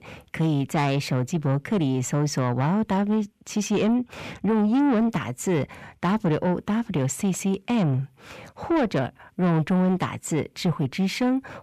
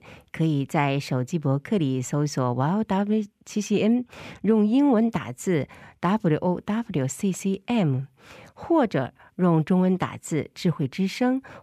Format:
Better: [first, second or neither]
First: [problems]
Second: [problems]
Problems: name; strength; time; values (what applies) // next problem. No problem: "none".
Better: second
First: distortion; slight; 10 dB below the speech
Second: none